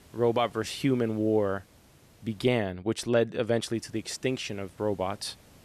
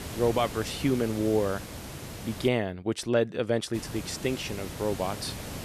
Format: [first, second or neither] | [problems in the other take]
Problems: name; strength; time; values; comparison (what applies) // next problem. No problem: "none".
first | hiss; loud; until 2.5 s and from 3.5 s on; 10 dB below the speech; faint in the first